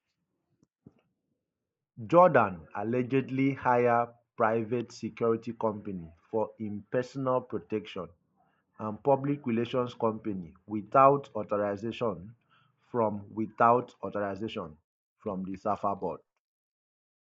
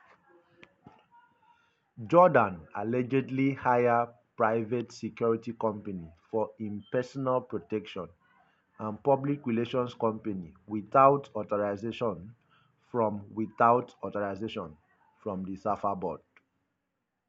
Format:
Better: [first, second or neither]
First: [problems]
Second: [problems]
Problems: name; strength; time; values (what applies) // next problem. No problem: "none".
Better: second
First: noise reduction (neural mask model Resemble Enhance denoiser)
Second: none